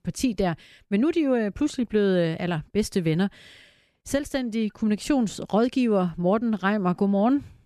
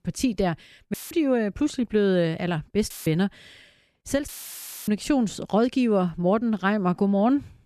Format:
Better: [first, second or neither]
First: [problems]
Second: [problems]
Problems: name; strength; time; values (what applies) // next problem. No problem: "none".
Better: first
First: none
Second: audio cutting out; filled with static; at 1 s, at 3 s and at 4.5 s for 0.5 s